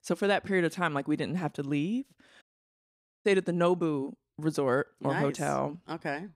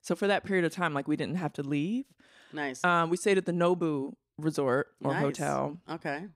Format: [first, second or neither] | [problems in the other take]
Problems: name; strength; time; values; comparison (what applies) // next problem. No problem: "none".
second | audio cutting out; at 2.5 s for 1 s